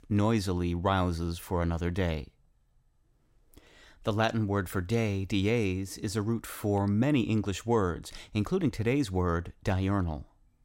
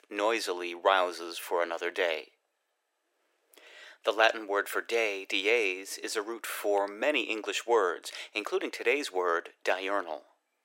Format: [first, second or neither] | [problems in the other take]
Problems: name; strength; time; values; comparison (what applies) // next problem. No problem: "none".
first | thin; very; fading below 350 Hz